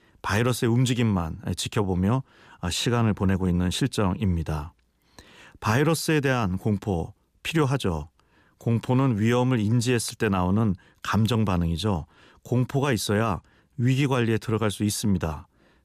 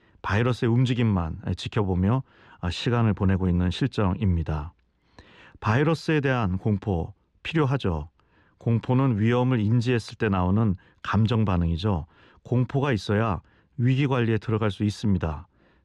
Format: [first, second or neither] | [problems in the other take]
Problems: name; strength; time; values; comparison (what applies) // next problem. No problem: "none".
first | muffled; slightly; fading above 3.5 kHz